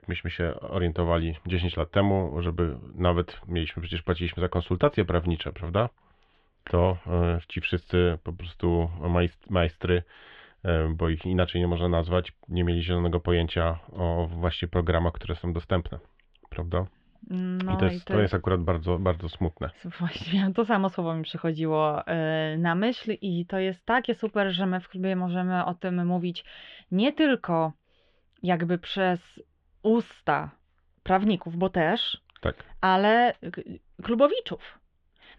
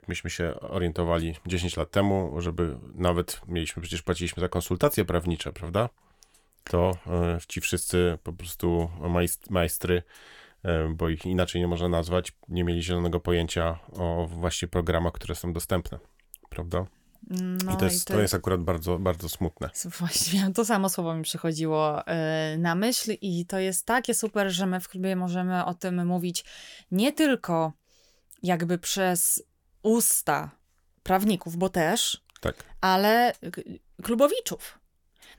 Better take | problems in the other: second | muffled; very; fading above 3.5 kHz

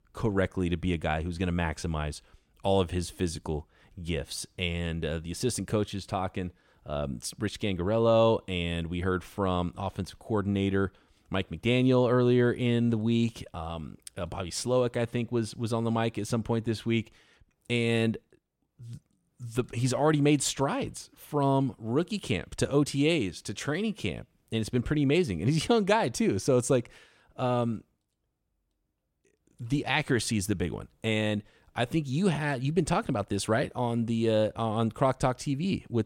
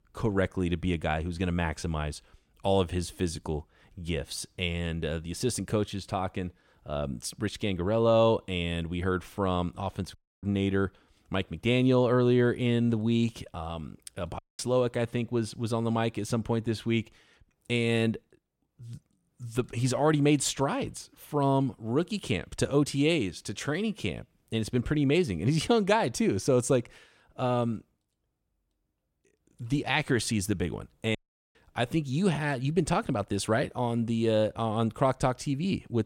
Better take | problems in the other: first | audio cutting out; at 10 s, at 14 s and at 31 s

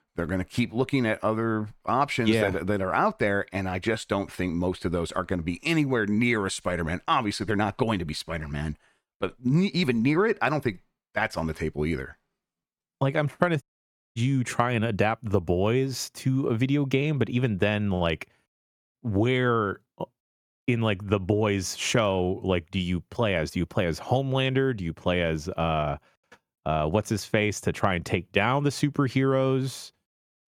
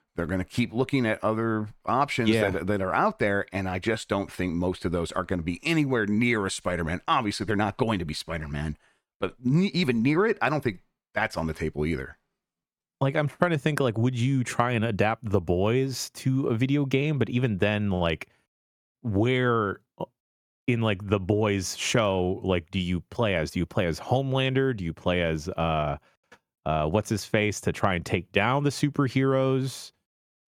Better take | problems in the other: second | audio cutting out; at 14 s for 0.5 s

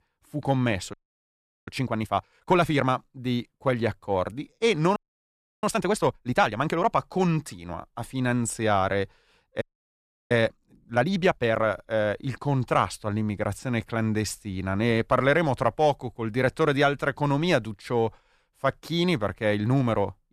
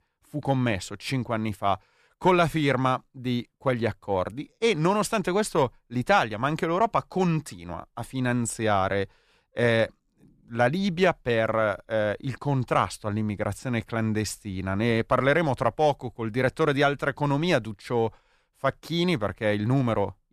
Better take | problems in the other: second | audio freezing; at 1 s for 0.5 s, at 5 s for 0.5 s and at 9.5 s for 0.5 s

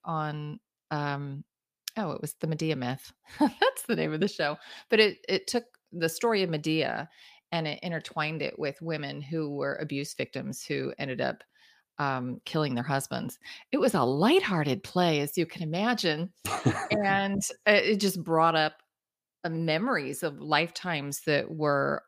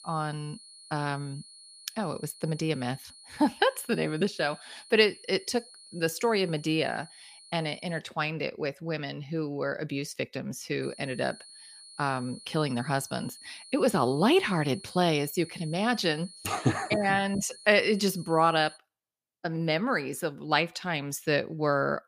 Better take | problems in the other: first | high-pitched whine; noticeable; until 8 s and from 11 to 19 s; 4.5 kHz, 20 dB below the speech

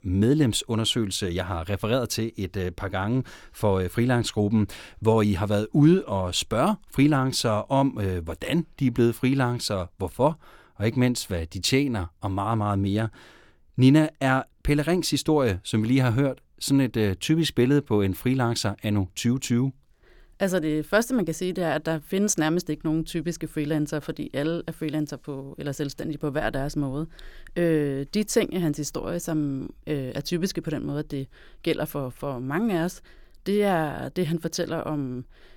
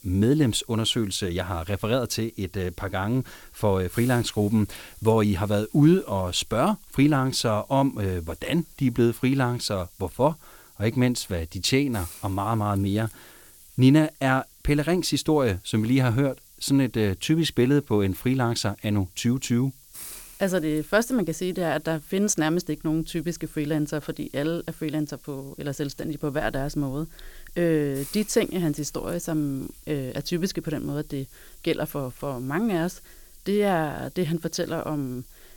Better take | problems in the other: first | hiss; faint; throughout; 20 dB below the speech

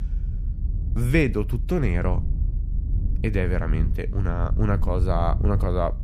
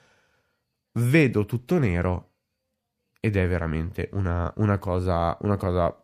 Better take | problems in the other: second | low rumble; noticeable; throughout; 15 dB below the speech

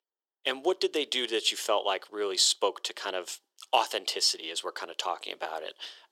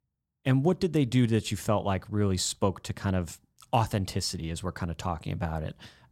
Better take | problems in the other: second | thin; very; fading below 350 Hz

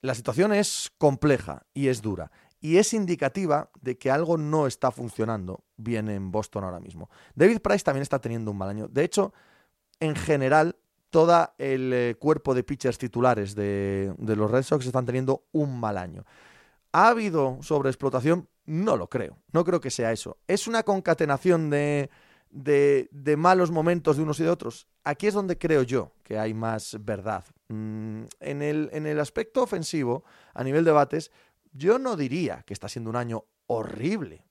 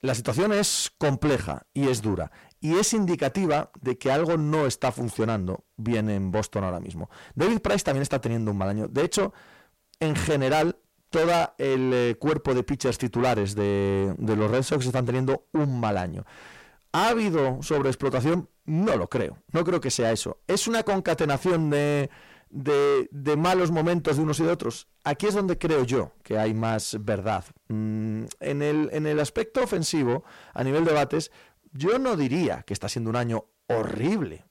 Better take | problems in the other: first | distortion; heavy; 6 dB below the speech

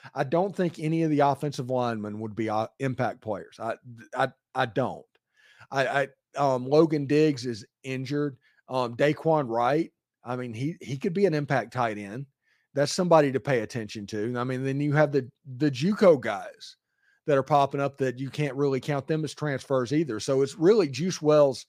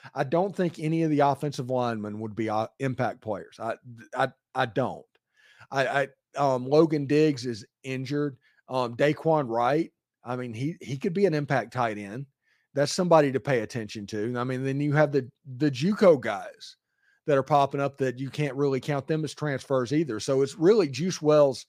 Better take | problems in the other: neither | none

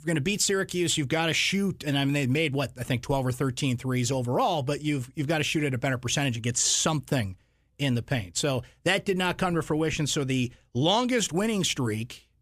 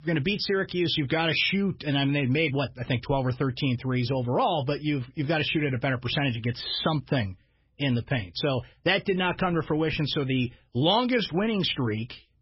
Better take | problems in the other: first | garbled, watery; badly; nothing above 5.5 kHz

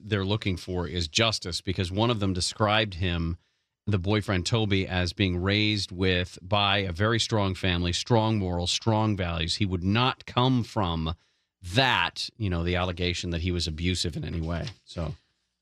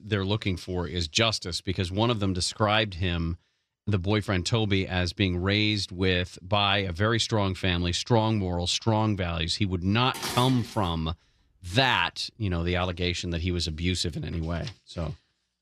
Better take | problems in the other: first | clattering dishes; noticeable; at 10 s; peak 6 dB below the speech

